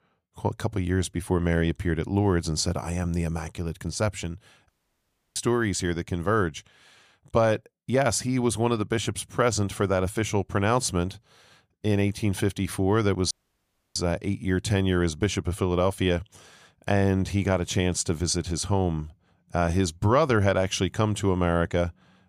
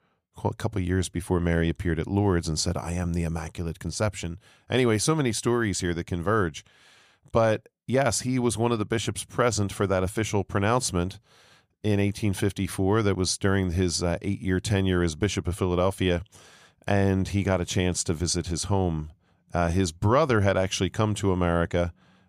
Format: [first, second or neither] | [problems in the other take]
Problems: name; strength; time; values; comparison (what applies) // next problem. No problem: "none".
second | audio cutting out; at 4.5 s for 0.5 s and at 13 s for 0.5 s